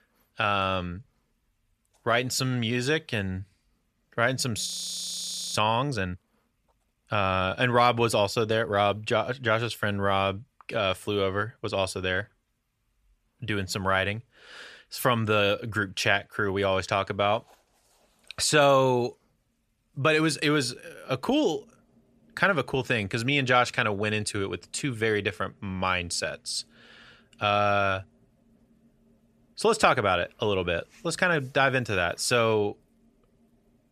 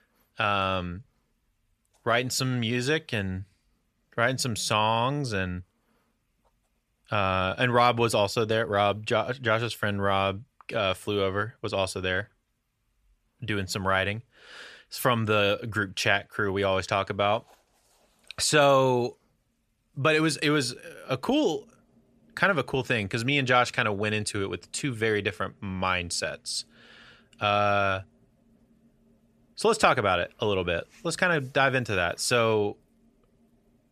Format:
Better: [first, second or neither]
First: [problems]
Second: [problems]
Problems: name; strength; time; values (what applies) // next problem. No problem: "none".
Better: second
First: audio freezing; at 4.5 s for 1 s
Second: none